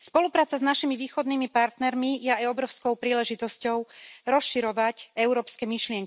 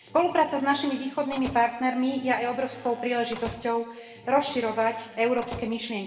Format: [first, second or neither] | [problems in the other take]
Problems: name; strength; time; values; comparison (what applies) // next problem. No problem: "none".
first | background sound (Slam); 18 dB below the speech // room echo; dies away in 1.3 s